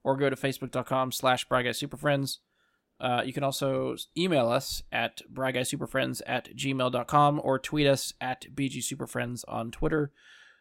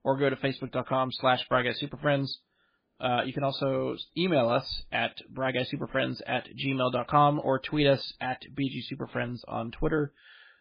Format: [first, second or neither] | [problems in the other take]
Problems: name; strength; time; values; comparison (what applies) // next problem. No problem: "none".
first | garbled, watery; badly; nothing above 4.5 kHz